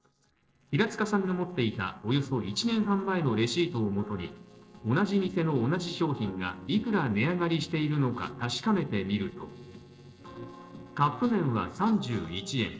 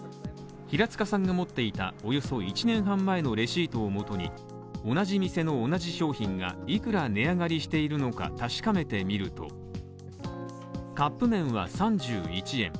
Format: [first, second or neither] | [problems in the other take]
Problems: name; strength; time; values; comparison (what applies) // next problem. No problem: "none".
second | noise reduction (neural separator model SepFormer DNS4)